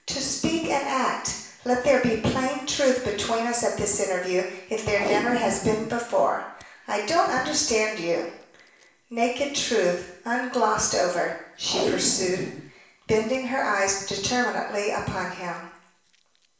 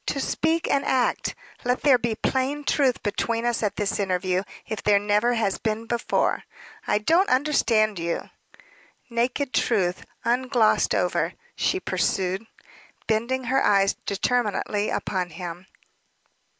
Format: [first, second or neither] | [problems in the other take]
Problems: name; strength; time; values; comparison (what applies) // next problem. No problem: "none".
second | background sound (Packing tape, duct tape); 13 dB below the speech // room echo; dies away in 0.7 s